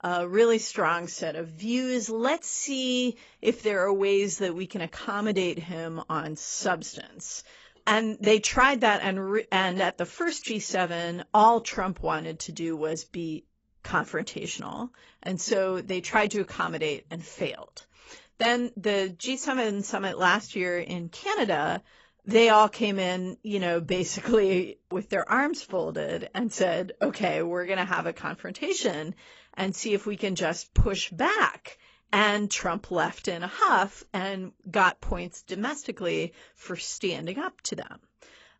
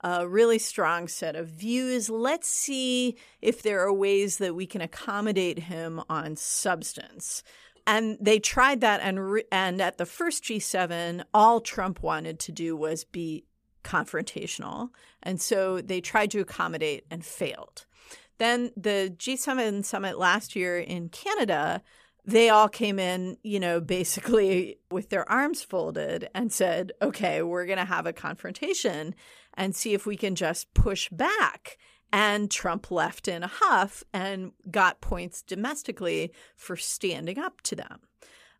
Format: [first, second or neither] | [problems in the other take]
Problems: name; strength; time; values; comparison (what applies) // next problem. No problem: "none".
second | garbled, watery; badly; nothing above 7.5 kHz